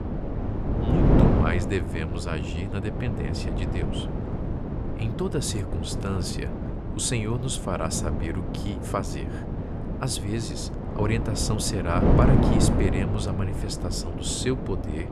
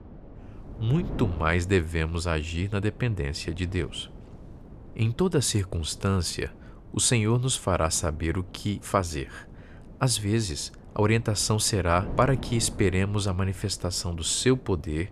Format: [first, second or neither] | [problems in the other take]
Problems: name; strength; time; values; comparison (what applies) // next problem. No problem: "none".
second | wind noise on the microphone; heavy; 1 dB below the speech; occasional gusts in the second